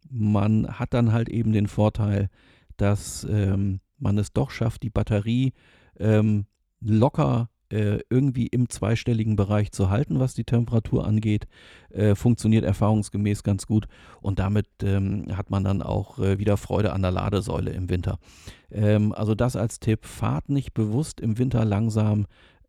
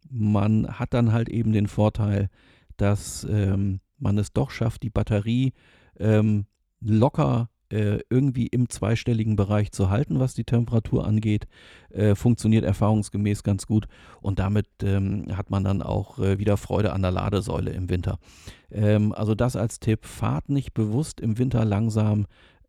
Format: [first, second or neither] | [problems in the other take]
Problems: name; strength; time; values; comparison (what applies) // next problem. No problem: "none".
neither | none